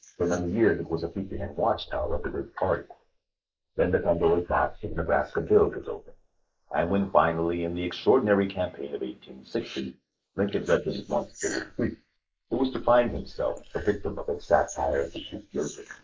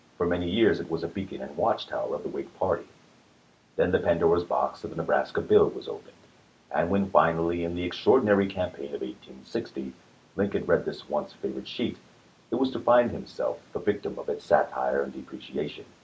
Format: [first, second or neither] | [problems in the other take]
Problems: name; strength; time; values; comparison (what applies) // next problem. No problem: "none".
second | noise reduction (neural mask model Resemble Enhance denoiser)